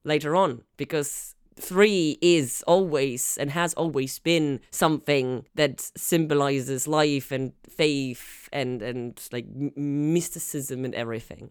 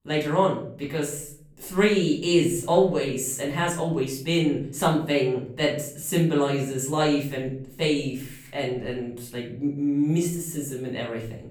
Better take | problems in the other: first | off-mic speech; far // room echo; slight; dies away in 0.5 s

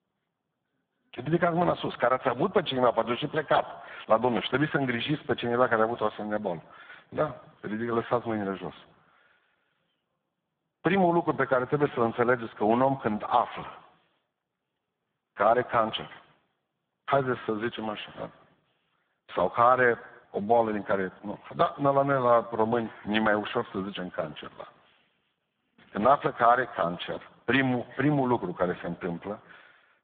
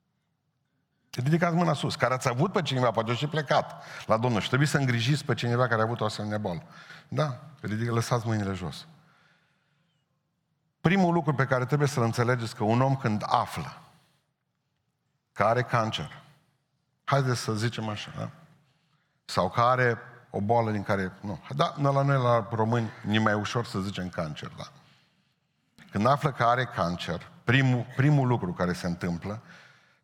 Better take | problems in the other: second | phone-call audio; poor line

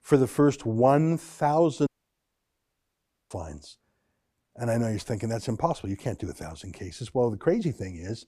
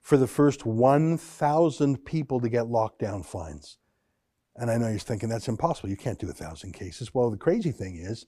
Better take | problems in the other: second | audio cutting out; at 2 s for 1.5 s

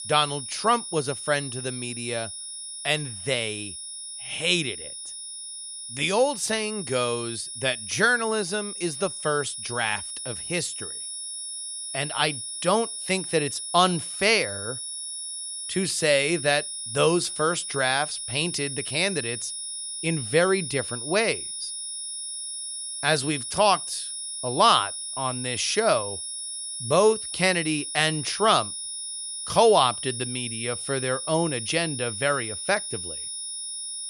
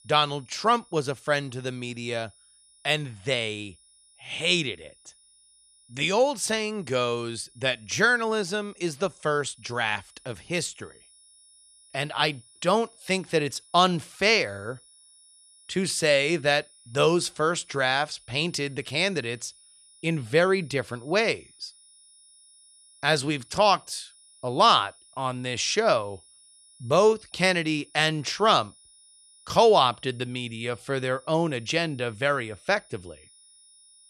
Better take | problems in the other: second | high-pitched whine; loud; throughout; 10 kHz, 7 dB below the speech; faint in the second

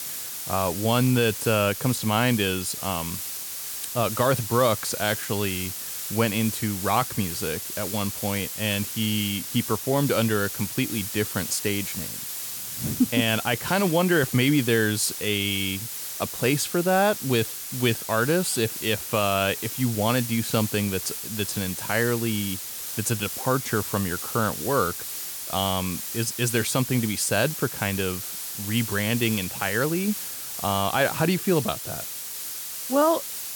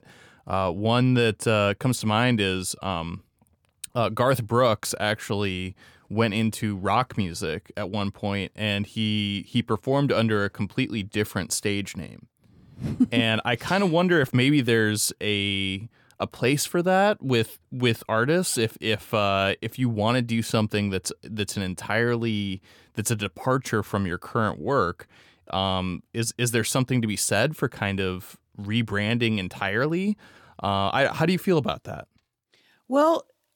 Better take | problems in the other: second | hiss; loud; throughout; 6 dB below the speech

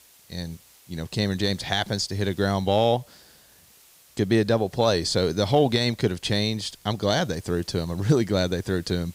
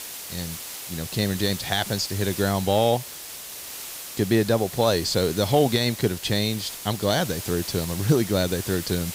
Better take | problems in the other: first | hiss; loud; throughout; 10 dB below the speech; faint in the first

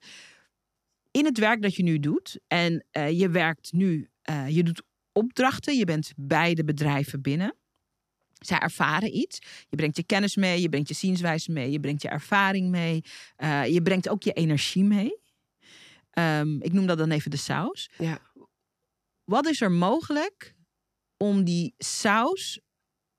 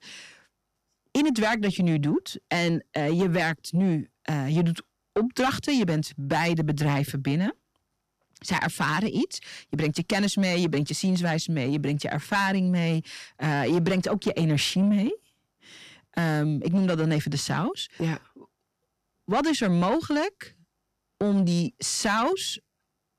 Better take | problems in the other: first | distortion; slight; 10 dB below the speech

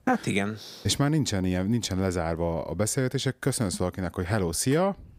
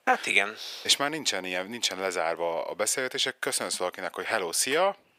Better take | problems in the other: first | thin; very; fading below 650 Hz

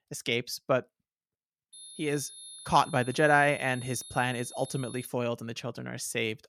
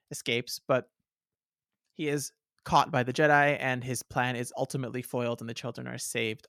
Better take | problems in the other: second | high-pitched whine; noticeable; from 1.5 to 5 s; 11 kHz, 15 dB below the speech

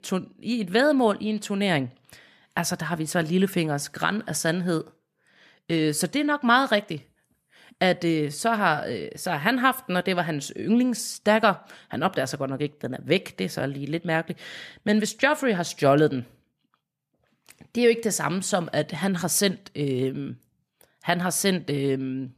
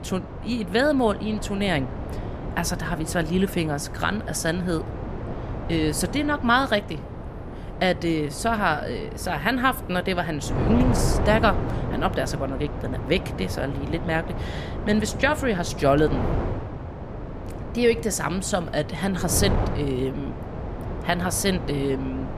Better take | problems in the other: first | wind noise on the microphone; occasional gusts; 10 dB below the speech

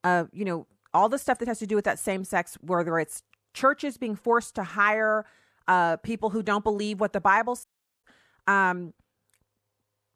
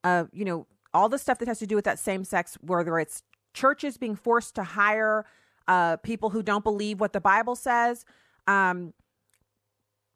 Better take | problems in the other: second | audio cutting out; at 7.5 s

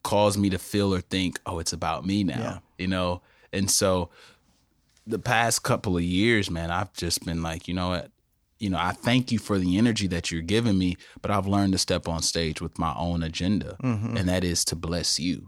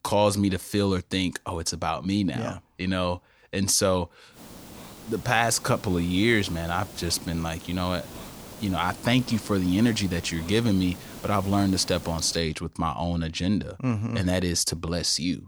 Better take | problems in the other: first | hiss; noticeable; from 4.5 to 12 s; 15 dB below the speech

